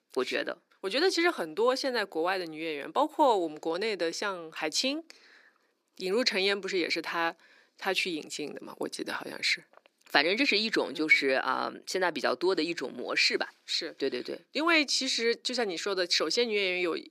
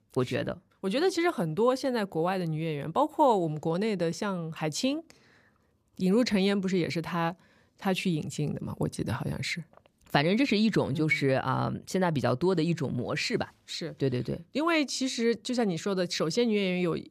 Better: second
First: thin; somewhat; fading below 300 Hz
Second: none

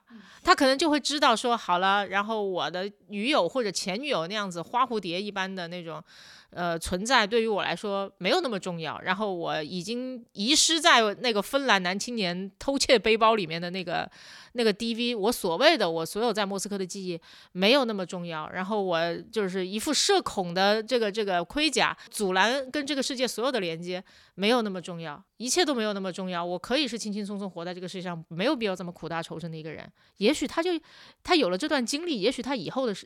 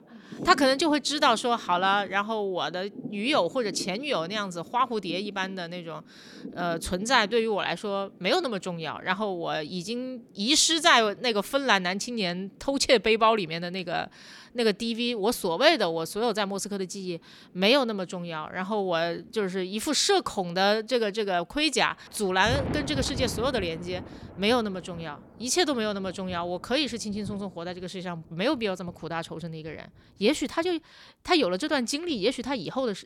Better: first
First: none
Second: rain or running water; noticeable; throughout; 15 dB below the speech

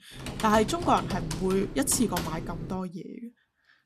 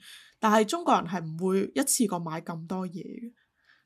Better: second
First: keyboard typing; noticeable; until 3 s; peak 6 dB below the speech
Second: none

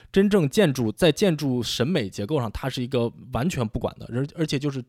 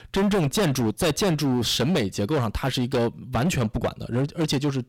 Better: first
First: none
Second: distortion; heavy; 21% of the sound clipped

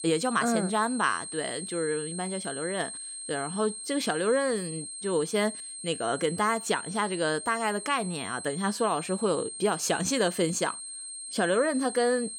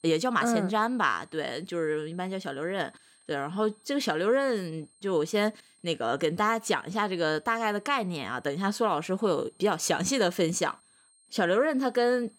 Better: second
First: high-pitched whine; loud; throughout; 8.5 kHz, 8 dB below the speech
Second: high-pitched whine; faint; throughout; 8.5 kHz, 30 dB below the speech

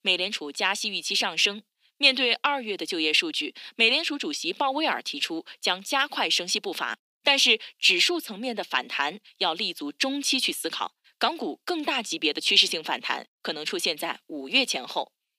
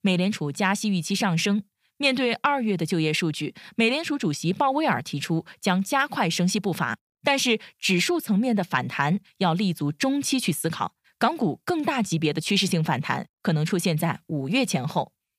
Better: second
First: thin; somewhat; fading below 250 Hz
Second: none

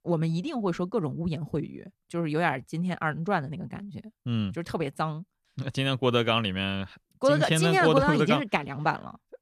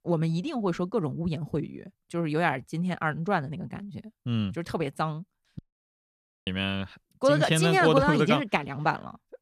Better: first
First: none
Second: audio cutting out; at 5.5 s for 1 s

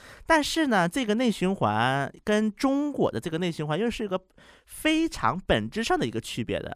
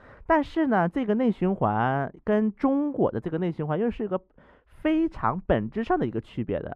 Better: first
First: none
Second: muffled; very; fading above 3 kHz

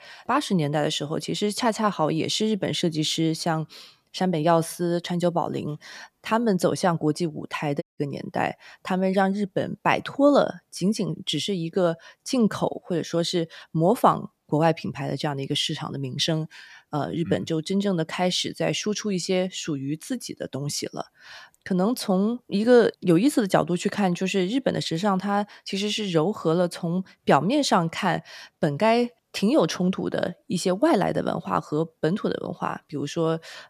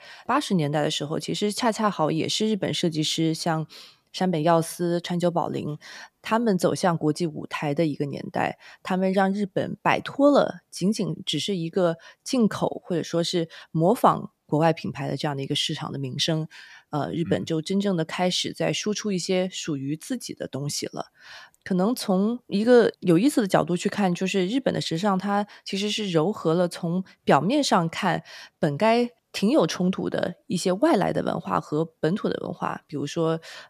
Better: second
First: audio cutting out; at 8 s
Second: none

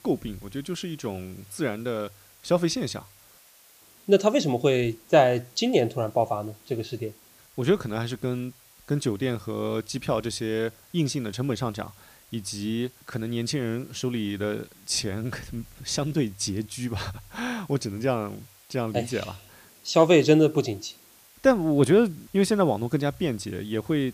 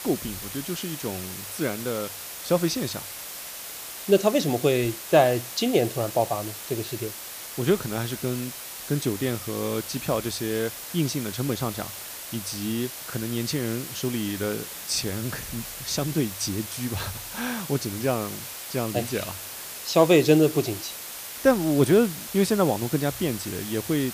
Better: first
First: hiss; faint; throughout; 25 dB below the speech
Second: hiss; loud; throughout; 9 dB below the speech

